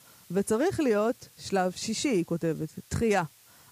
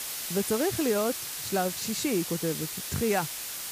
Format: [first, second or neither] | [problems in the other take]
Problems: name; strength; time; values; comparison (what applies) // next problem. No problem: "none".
first | hiss; loud; throughout; 3 dB below the speech; faint in the first